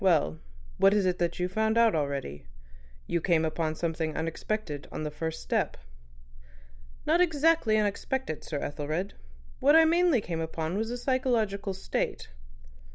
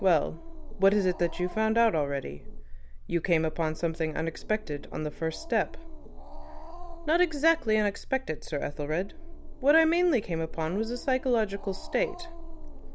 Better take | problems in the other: first | background sound (Growling); 19 dB below the speech

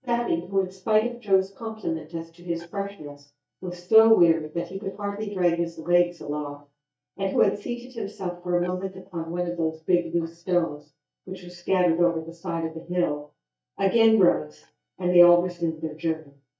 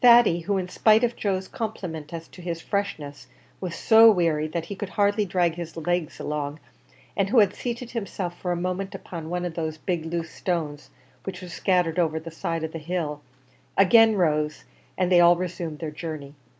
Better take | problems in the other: second | noise reduction (neural mask model DeepFilterNet 3)

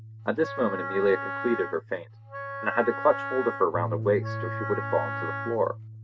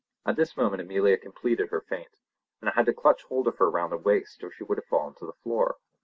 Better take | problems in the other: second | background sound (Wind instrument, woodwind instrument + Bass guitar); 6 dB below the speech

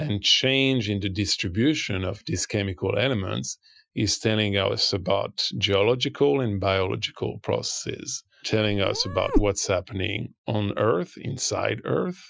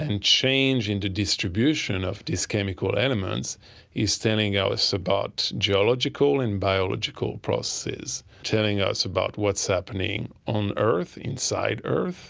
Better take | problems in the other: second | noise reduction (classical method Wiener filter)

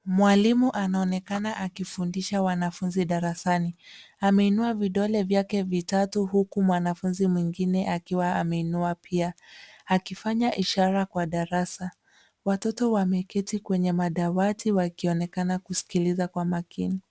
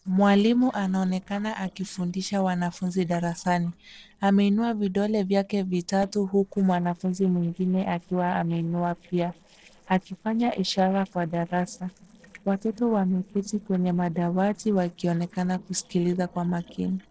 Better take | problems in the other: first | noise reduction (neural separator model SepFormer DNS4)

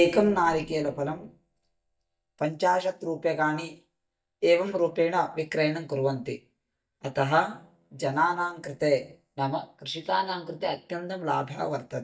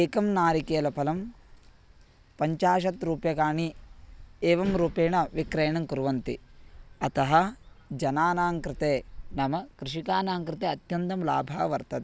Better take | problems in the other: second | noise reduction (neural mask model DeepFilterNet 3)

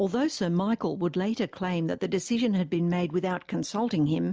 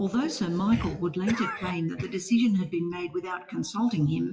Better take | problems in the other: first | noise reduction (classical method WPE with log-MMSE)

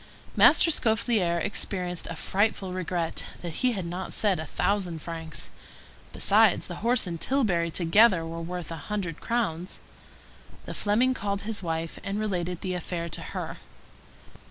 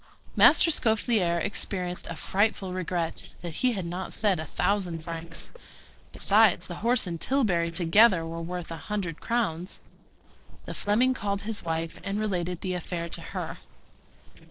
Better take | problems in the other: first | noise reduction (neural separator model SepFormer DNS4)

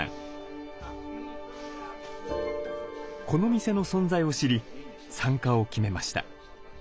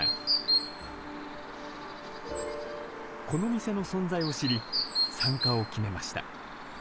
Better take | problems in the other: first | background sound (Chirp, tweet); as loud as the speech

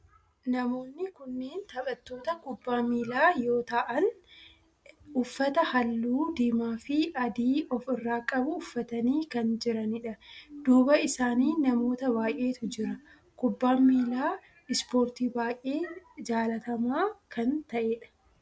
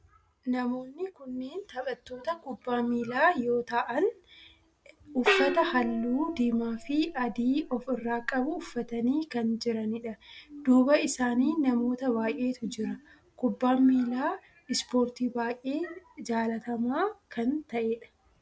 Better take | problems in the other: first | background sound (Gong); 5 dB below the speech

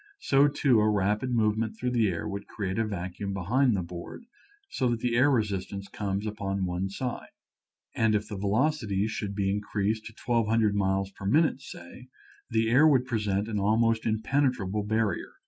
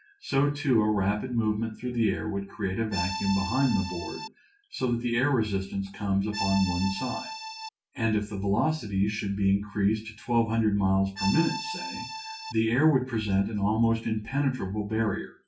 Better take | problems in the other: first | background sound (Accordion); 7 dB below the speech // room echo; dies away in 0.3 s

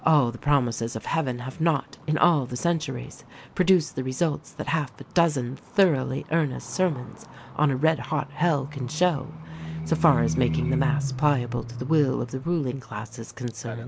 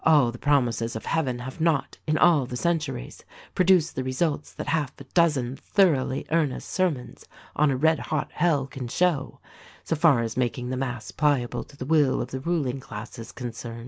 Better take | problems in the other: second | background sound (Livestock, farm animals, working animals); 9 dB below the speech

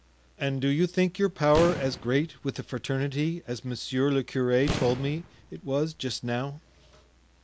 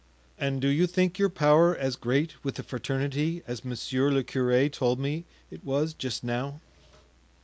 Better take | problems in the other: second | background sound (Boom); 9 dB below the speech

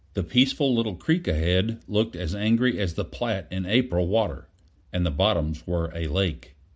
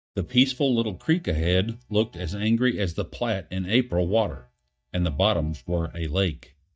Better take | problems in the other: first | noise reduction (neural mask model DeepFilterNet 3)

